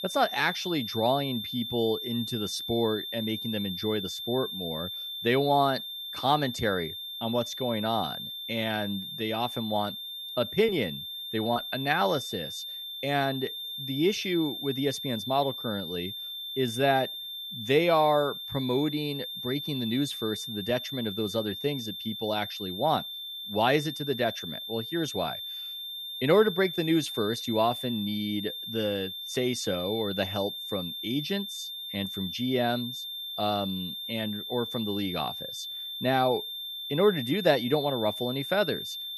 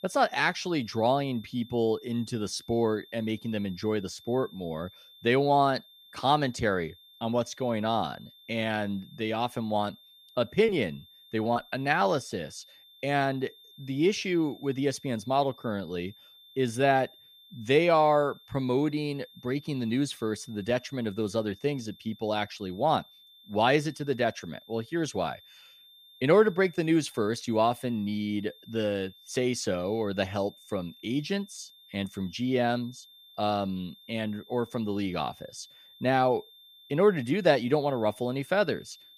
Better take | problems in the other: second | high-pitched whine; loud; throughout; 3.5 kHz, 6 dB below the speech; faint in the second

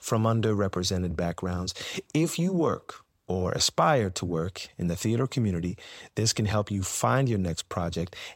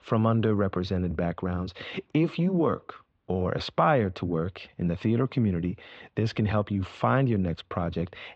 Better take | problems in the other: first | muffled; very; fading above 3 kHz

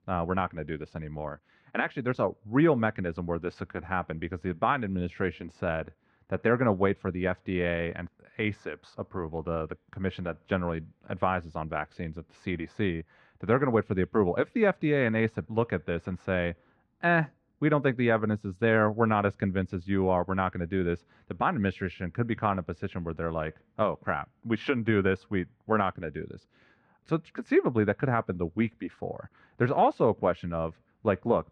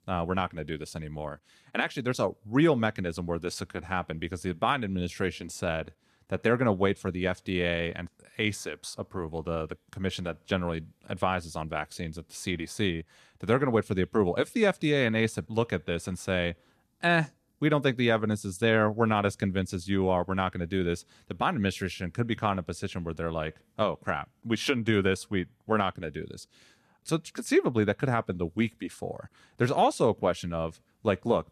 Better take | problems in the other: second | muffled; very; fading above 1.5 kHz

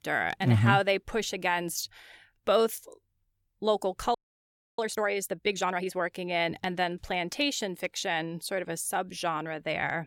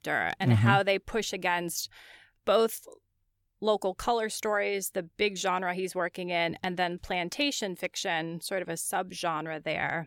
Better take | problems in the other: second | audio freezing; at 4 s for 0.5 s

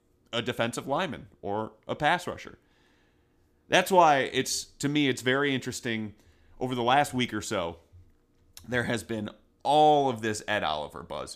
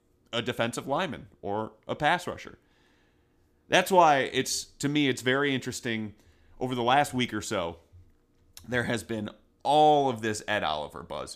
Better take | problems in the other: neither | none

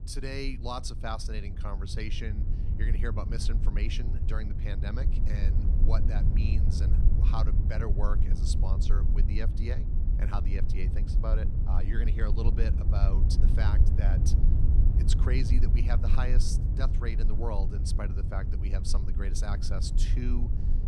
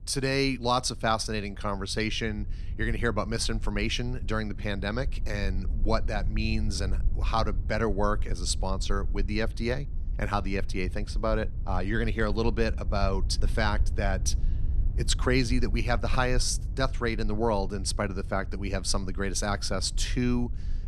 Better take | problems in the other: second | low rumble; loud; throughout; 5 dB below the speech; faint in the second

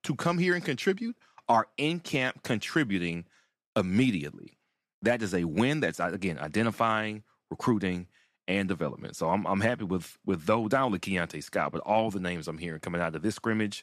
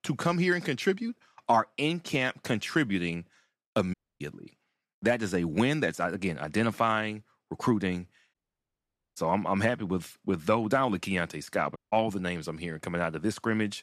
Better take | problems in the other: first | audio cutting out; at 4 s, at 8.5 s for 1 s and at 12 s

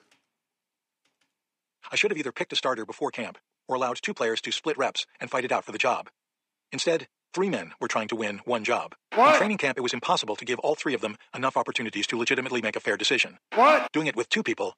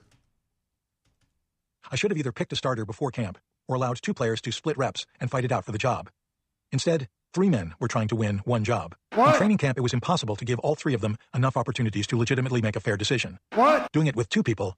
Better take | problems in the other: second | thin; somewhat; fading below 250 Hz

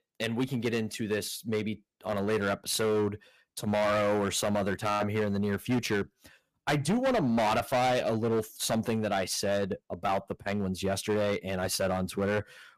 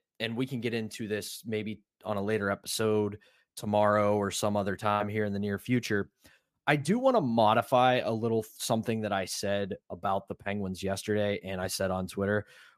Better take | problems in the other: second | distortion; heavy; 11% of the sound clipped

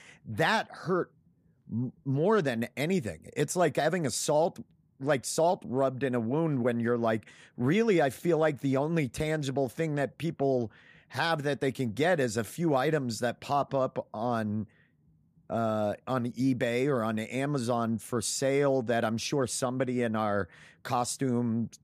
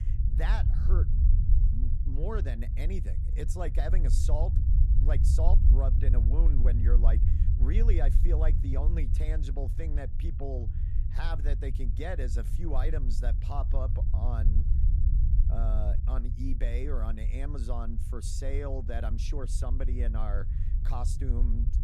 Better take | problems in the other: first | low rumble; loud; throughout; 6 dB below the speech

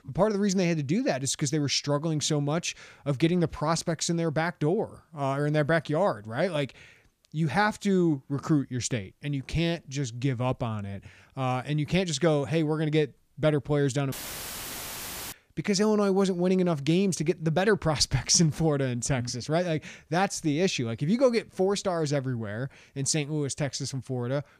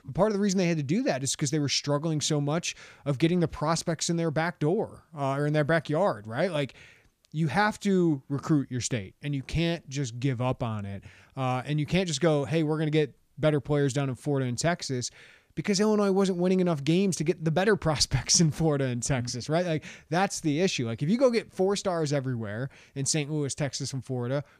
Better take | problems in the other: second | audio cutting out; filled with static; at 14 s for 1 s

